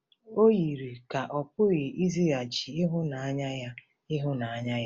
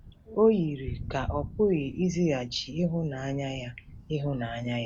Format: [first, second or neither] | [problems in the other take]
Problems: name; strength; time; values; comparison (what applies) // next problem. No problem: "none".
first | background sound (Thunder); 13 dB below the speech